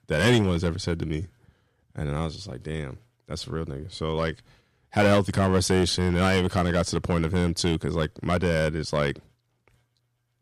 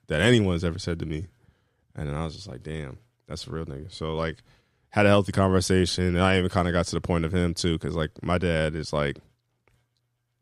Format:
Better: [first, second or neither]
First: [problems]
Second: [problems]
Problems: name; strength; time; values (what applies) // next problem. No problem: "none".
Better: second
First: distortion; slight; 3% of the sound clipped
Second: none